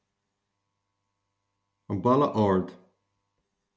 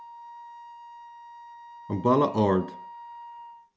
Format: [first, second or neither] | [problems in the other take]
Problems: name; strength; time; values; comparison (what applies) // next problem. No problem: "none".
first | background sound (Wind instrument, woodwind instrument); 15 dB below the speech